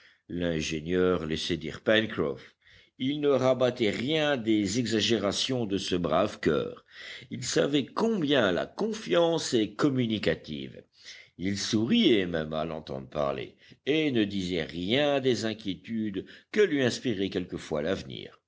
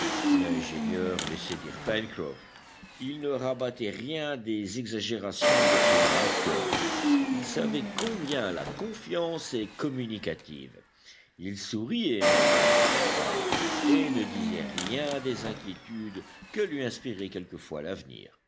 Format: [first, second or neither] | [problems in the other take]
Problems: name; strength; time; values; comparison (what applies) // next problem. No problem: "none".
first | background sound (Engine); 4 dB above the speech